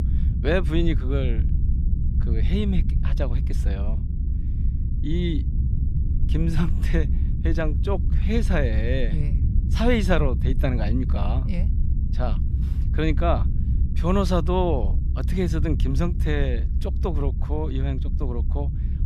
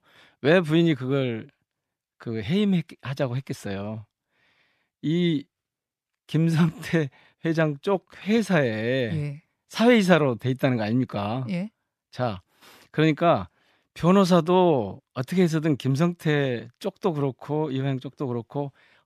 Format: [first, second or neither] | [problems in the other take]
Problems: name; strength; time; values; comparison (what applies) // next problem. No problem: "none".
second | low rumble; noticeable; throughout; 10 dB below the speech